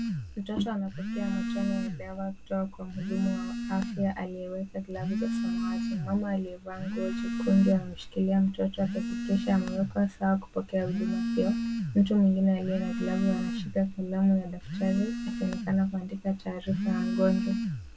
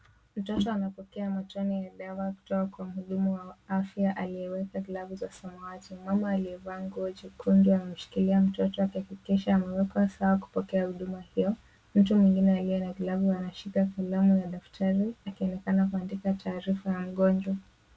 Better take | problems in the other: second | background sound (Telephone); 4 dB below the speech

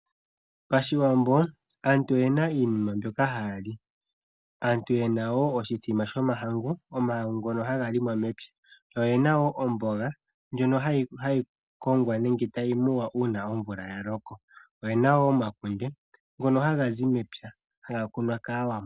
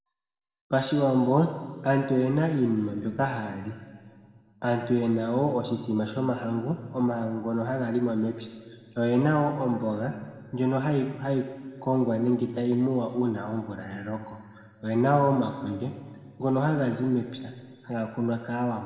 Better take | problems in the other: first | room echo; dies away in 2 s

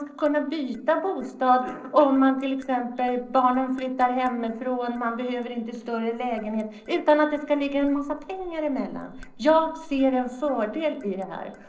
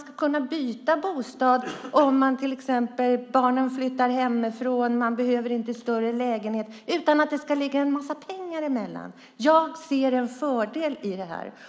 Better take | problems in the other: second | noise reduction (neural separator model SepFormer DNS4)

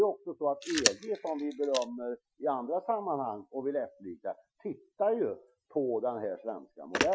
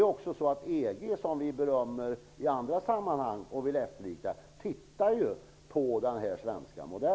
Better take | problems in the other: second | noise reduction (classical method Wiener filter)

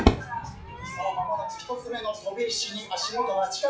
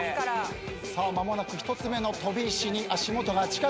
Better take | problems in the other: second | noise reduction (classical method WPE with log-MMSE)

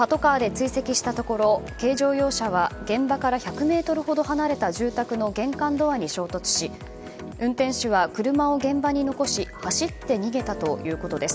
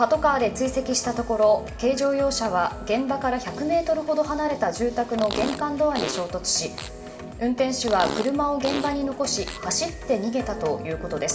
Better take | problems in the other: first | background sound (Fart); 11 dB below the speech // room echo; dies away in 1.6 s

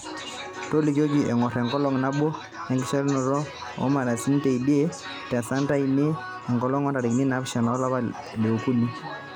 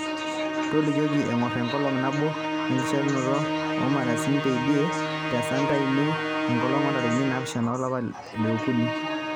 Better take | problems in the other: first | background sound (Musical instrument); 2 dB below the speech

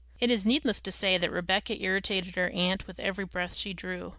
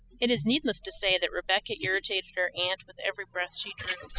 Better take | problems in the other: first | noise reduction (classical method spectral subtraction)

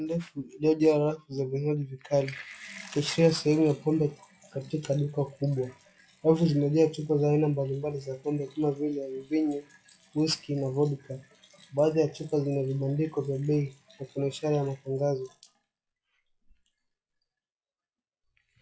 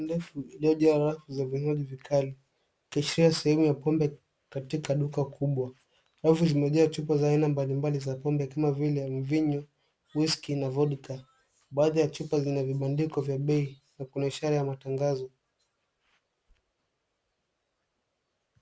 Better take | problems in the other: second | noise reduction (classical method log-MMSE)

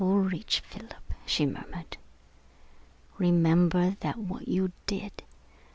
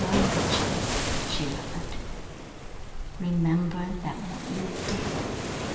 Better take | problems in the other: first | background sound (Waves, surf); 1 dB above the speech // room echo; dies away in 1.4 s

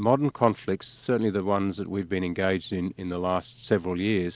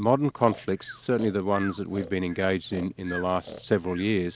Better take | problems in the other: first | background sound (Breathing); 17 dB below the speech

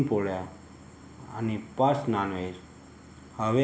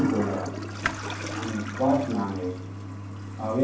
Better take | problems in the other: first | background sound (Toilet flush); 5 dB below the speech // room echo; dies away in 0.6 s

